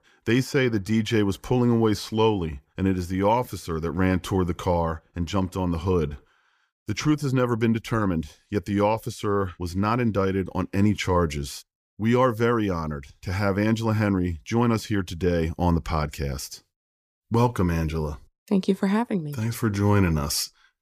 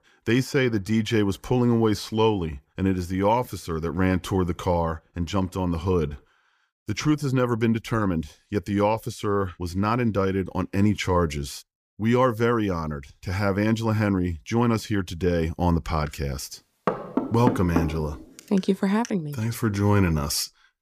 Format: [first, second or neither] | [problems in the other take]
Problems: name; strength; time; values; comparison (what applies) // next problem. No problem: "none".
first | door banging; noticeable; from 17 to 19 s; peak 1 dB below the speech